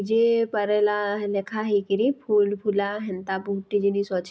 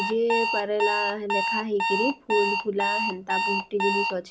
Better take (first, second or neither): first